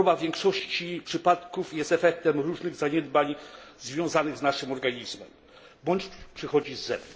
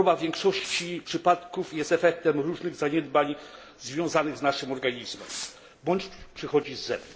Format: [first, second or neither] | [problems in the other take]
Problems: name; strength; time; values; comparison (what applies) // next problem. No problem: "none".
first | background sound (Fireworks); 17 dB below the speech